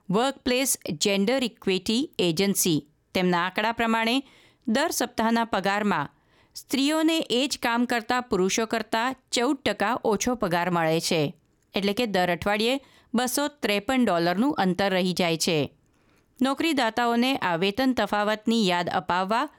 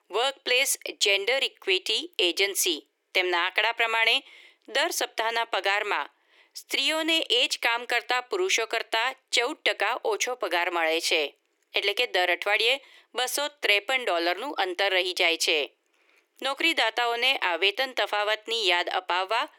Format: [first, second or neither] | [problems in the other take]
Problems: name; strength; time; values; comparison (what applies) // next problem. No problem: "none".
first | thin; very; fading below 350 Hz